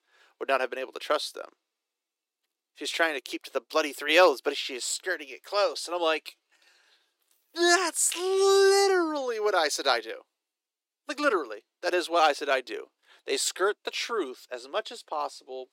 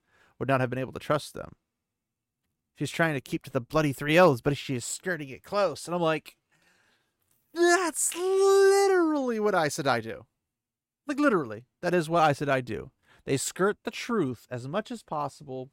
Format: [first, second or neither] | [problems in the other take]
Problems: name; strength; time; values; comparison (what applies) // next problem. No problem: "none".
second | thin; somewhat; fading below 350 Hz